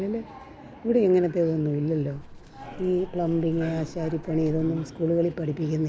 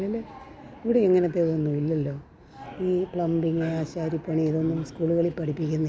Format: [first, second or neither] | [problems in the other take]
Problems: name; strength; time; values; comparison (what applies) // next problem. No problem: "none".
second | background sound (Livestock, farm animals, working animals); 16 dB below the speech